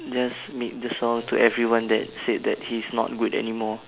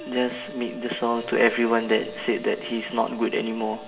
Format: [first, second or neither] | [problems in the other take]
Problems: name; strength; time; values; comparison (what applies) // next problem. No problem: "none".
first | background sound (Wind instrument, woodwind instrument); 16 dB below the speech // room echo; dies away in 1.8 s